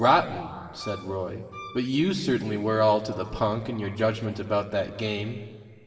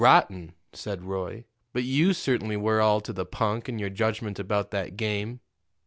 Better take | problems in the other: second | background sound (Wind instrument, woodwind instrument); 18 dB below the speech // room echo; dies away in 2.2 s

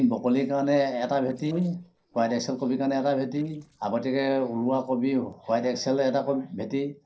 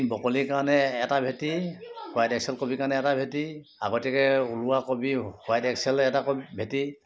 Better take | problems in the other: second | noise reduction (neural separator model SepFormer DNS4)

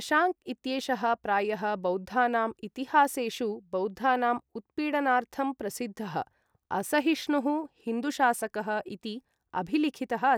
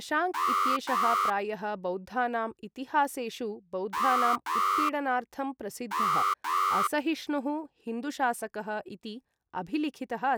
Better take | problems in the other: first | background sound (Alarm); 3 dB above the speech

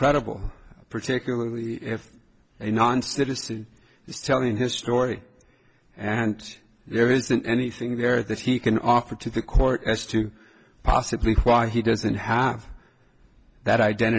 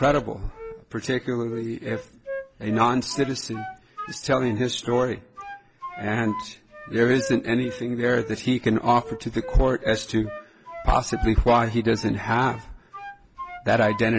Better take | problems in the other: first | background sound (Wind instrument, woodwind instrument); 15 dB below the speech

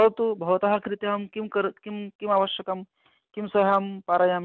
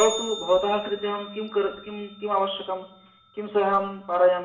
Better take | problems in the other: first | background sound (Bell); 15 dB below the speech // room echo; dies away in 0.7 s

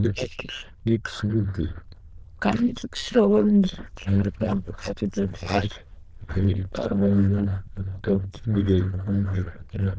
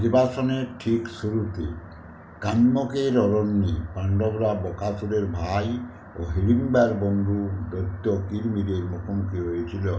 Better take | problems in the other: second | noise reduction (neural diffusion model UNIVERSE++)

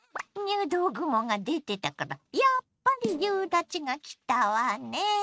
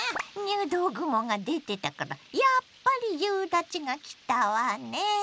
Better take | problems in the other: second | noise reduction (neural mask model RNNoise)

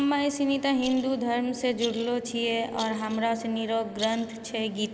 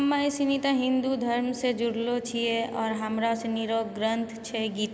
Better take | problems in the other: second | background sound (Rattle); 18 dB below the speech

